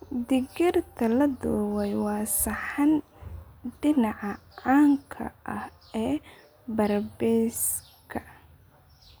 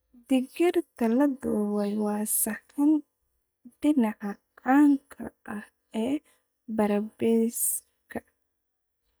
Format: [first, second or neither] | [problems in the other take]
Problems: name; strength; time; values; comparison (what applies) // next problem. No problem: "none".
first | noise reduction (neural mask model DeepFilterNet 3)